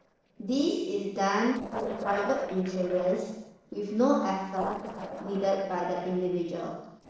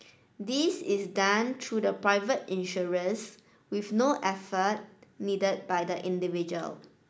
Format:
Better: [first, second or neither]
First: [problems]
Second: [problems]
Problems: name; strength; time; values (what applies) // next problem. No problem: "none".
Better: second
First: noise reduction (neural separator model SepFormer DNS4)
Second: none